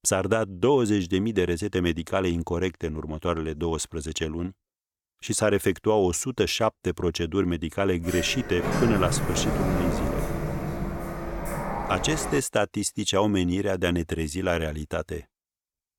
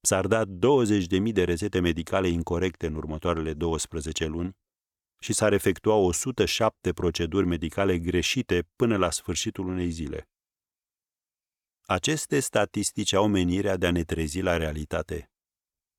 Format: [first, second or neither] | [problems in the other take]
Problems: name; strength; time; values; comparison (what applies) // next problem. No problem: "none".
second | door banging; noticeable; from 8 to 12 s; peak level with the speech